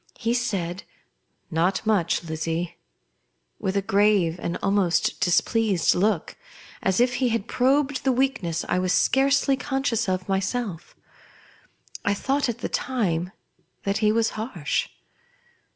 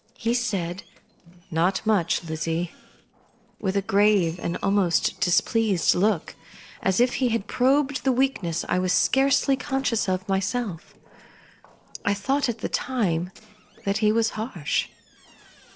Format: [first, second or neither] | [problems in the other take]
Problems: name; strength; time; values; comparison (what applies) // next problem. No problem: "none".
first | noise reduction (neural separator model SepFormer DNS4)